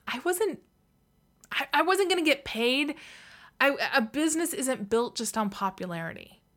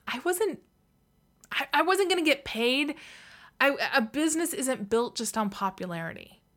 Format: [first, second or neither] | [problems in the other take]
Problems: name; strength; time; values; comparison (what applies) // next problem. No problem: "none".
neither | none